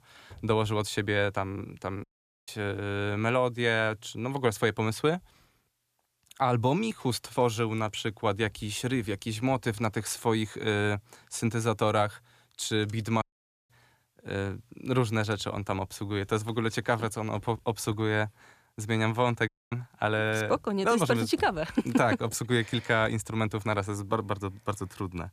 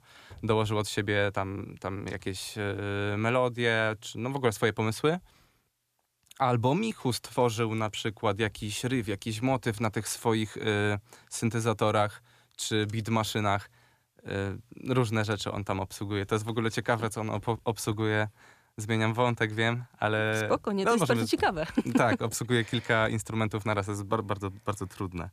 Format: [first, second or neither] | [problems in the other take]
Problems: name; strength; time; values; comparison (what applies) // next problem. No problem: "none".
second | audio cutting out; at 2 s, at 13 s and at 19 s